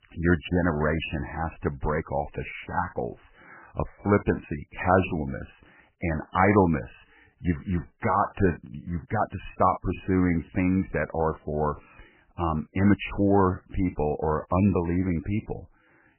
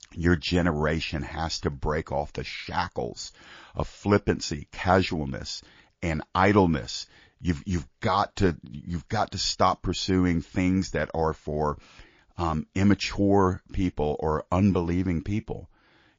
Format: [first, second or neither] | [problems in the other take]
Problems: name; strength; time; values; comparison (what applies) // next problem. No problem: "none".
second | garbled, watery; badly; nothing above 3 kHz; slightly in the second